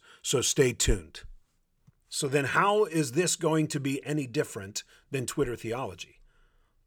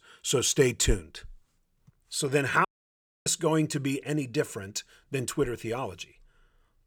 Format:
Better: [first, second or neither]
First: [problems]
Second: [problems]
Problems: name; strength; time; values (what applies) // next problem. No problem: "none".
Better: first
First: none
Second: audio cutting out; at 2.5 s for 0.5 s